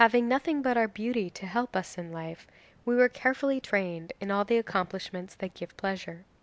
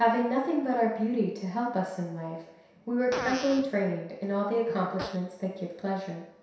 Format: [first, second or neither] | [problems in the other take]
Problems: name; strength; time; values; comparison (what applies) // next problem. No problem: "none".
first | background sound (Fart); 16 dB below the speech // room echo; dies away in 0.7 s